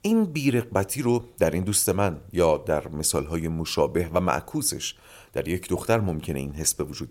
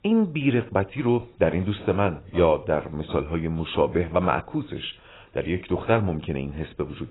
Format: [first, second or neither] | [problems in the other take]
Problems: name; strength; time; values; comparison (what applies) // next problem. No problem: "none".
first | garbled, watery; badly; nothing above 4 kHz